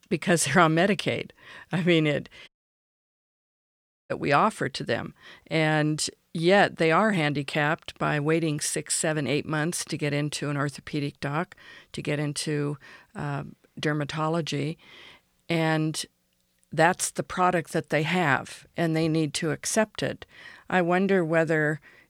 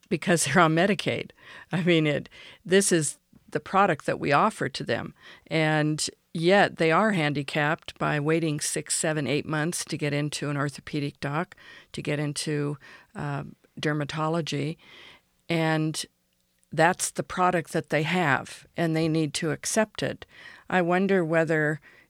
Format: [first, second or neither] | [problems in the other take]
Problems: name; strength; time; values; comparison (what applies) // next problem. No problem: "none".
second | audio cutting out; at 2.5 s for 1.5 s